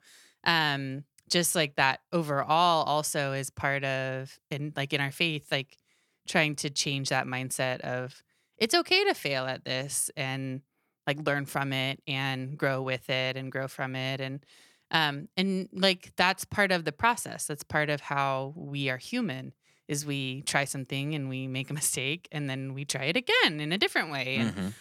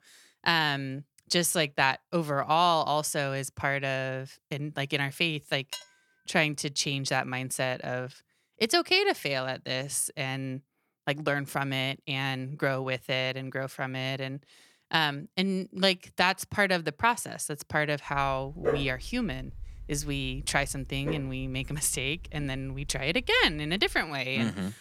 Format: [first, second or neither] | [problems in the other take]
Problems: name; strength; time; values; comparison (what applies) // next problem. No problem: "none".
first | clattering dishes; faint; at 5.5 s; peak 10 dB below the speech // dog barking; noticeable; from 18 to 24 s; peak 2 dB below the speech